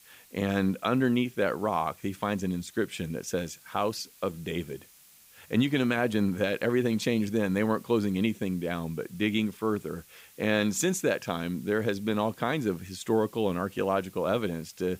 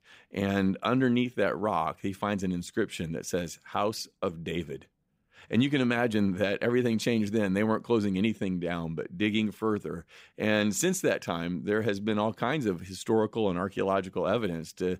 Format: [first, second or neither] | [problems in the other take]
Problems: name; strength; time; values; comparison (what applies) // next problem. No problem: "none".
second | hiss; faint; throughout; 25 dB below the speech